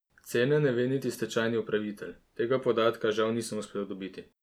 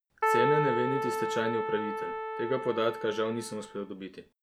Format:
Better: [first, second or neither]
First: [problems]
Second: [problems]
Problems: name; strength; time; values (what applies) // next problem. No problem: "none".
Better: first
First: none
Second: background sound (Keyboard (musical)); 1 dB above the speech